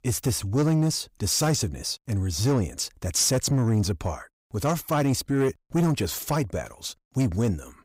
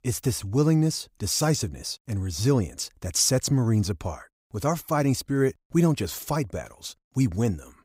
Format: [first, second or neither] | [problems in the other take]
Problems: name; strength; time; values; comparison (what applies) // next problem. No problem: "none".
second | distortion; slight; 10 dB below the speech